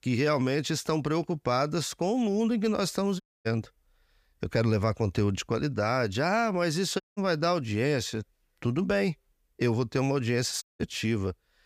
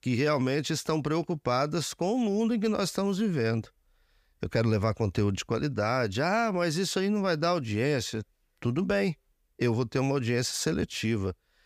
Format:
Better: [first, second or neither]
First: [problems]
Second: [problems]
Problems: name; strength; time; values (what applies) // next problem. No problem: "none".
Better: second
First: audio cutting out; at 3 s, at 7 s and at 11 s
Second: none